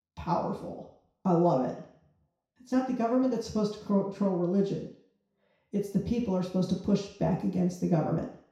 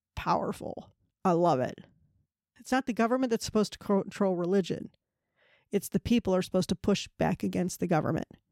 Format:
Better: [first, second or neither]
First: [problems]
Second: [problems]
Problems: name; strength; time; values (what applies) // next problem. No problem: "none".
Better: second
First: room echo; noticeable; dies away in 0.6 s // off-mic speech; far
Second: none